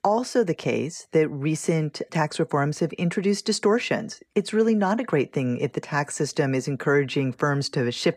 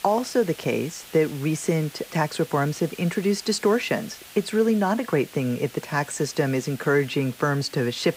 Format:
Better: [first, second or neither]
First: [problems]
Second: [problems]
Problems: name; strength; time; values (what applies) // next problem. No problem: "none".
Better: first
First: none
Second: hiss; noticeable; throughout; 20 dB below the speech